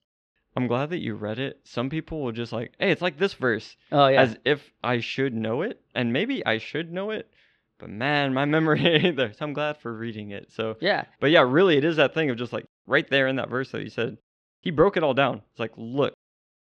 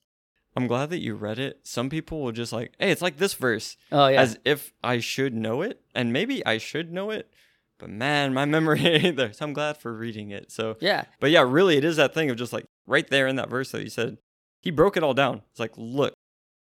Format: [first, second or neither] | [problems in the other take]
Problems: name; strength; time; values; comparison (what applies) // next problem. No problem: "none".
second | muffled; very slightly; fading above 4 kHz